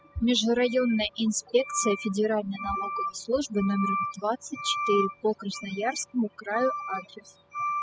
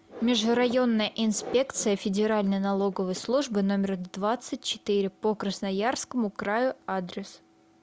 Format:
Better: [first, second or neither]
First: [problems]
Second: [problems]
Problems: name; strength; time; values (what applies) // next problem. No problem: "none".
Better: second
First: noise reduction (classical method spectral subtraction)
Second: none